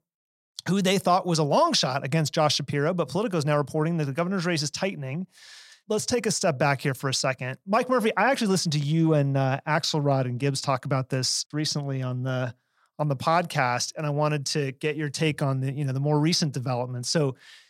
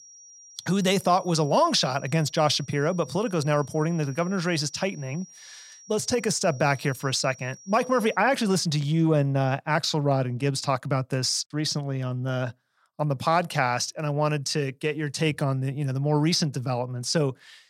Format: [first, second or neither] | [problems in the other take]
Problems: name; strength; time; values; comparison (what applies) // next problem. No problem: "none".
first | high-pitched whine; faint; until 8 s; 5.5 kHz, 20 dB below the speech